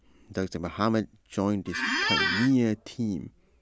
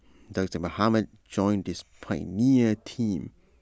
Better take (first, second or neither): second